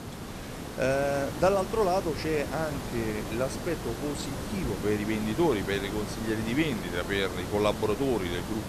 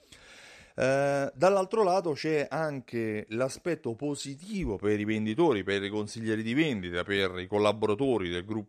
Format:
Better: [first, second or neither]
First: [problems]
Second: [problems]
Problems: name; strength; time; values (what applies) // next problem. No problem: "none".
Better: second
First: hiss; loud; throughout; 6 dB below the speech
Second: none